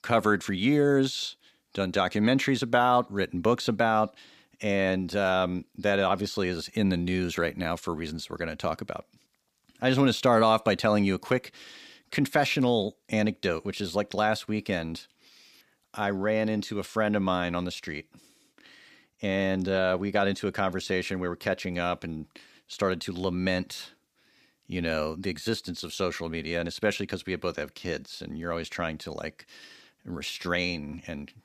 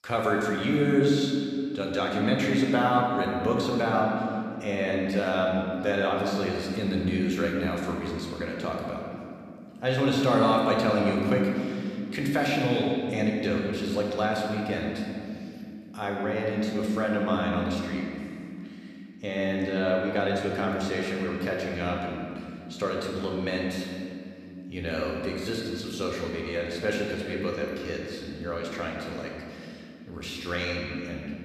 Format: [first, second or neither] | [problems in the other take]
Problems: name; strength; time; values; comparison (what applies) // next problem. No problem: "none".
first | room echo; noticeable; dies away in 2.5 s // off-mic speech; somewhat distant